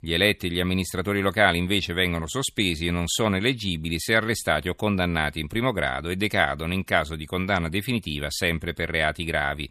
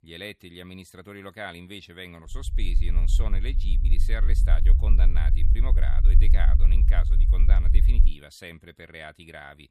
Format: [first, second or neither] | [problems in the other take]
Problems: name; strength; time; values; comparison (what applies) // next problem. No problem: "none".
first | low rumble; loud; from 2.5 to 8 s; 6 dB below the speech